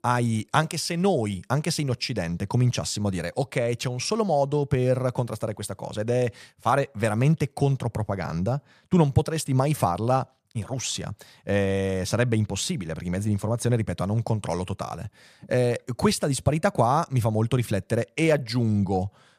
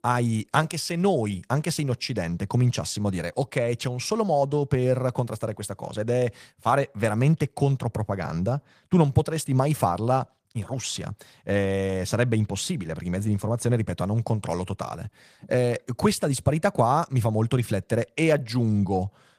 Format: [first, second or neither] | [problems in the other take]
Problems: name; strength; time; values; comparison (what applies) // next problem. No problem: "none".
first | garbled, watery; slightly; nothing above 15 kHz